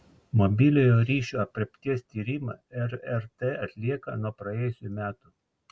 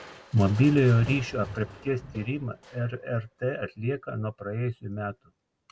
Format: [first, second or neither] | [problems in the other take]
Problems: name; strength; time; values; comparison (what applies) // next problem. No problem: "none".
first | background sound (Crushing); 18 dB below the speech